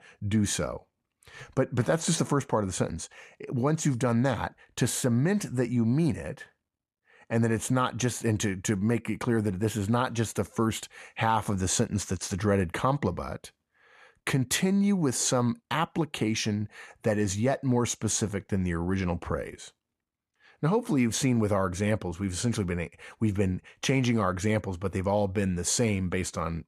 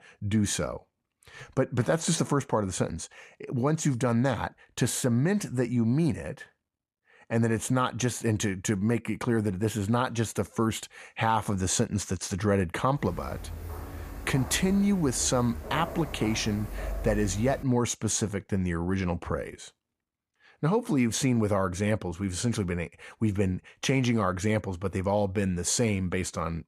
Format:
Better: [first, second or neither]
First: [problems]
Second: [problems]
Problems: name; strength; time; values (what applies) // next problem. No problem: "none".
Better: first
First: none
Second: footsteps; noticeable; from 13 to 18 s; peak 8 dB below the speech